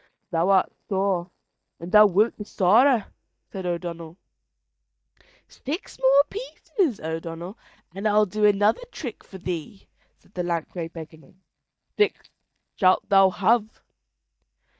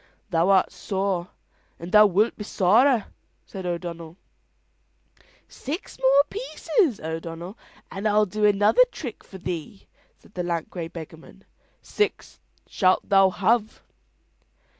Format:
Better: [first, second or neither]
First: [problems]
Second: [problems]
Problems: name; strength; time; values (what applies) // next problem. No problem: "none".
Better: second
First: noise reduction (neural mask model DeepFilterNet 3)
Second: none